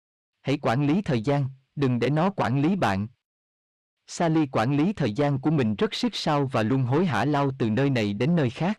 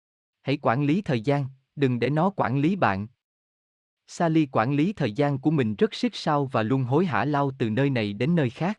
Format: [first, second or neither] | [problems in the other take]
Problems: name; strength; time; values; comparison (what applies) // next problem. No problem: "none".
second | distortion; slight; 10 dB below the speech